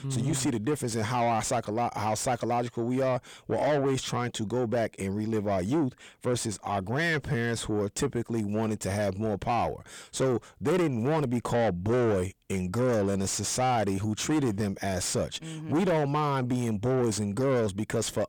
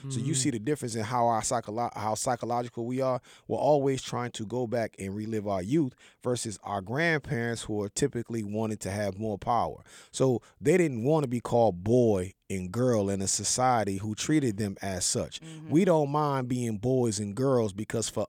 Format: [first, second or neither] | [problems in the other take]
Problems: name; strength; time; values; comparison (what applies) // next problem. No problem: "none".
second | distortion; heavy; 8 dB below the speech